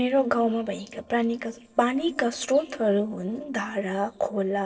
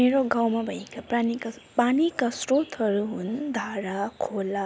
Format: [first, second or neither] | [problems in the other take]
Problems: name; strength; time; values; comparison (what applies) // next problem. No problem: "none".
second | noise reduction (neural separator model SepFormer DNS4)